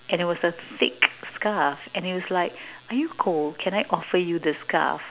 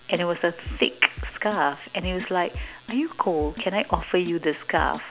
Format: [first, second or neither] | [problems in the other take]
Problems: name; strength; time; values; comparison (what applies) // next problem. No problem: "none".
first | background sound (Drum kit); 13 dB below the speech